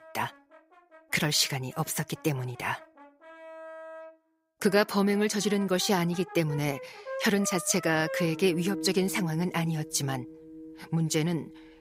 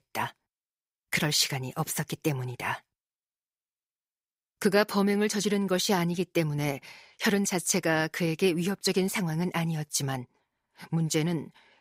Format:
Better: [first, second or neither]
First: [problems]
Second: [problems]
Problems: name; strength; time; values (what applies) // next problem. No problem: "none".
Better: second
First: background music; noticeable; throughout; 15 dB below the speech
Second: none